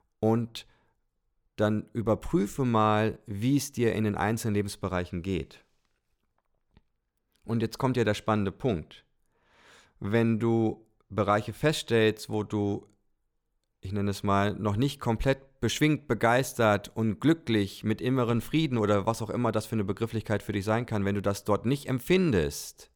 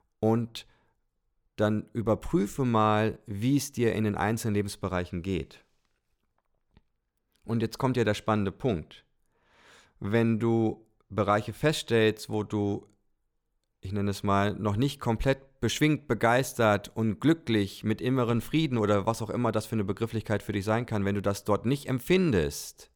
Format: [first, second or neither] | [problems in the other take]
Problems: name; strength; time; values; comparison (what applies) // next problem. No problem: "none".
neither | none